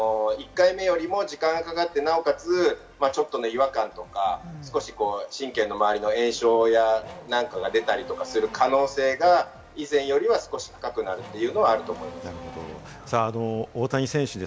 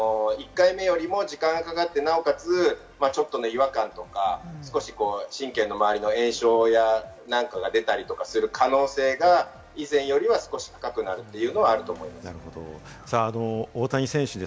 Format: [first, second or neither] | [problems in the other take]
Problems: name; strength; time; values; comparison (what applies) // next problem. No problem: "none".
second | background sound (Race car, auto racing / Accelerating, revving, vroom); 20 dB below the speech